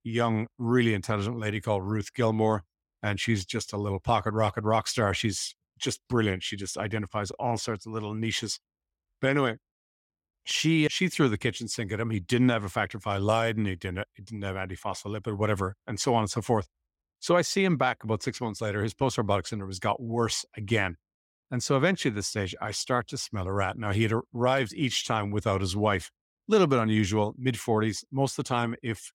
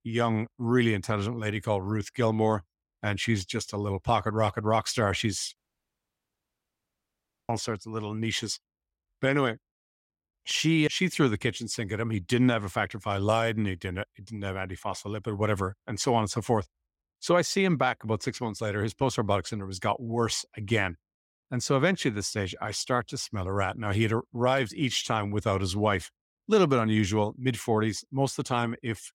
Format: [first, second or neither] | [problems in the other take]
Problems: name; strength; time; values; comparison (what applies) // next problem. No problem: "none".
first | audio cutting out; at 5.5 s for 2 s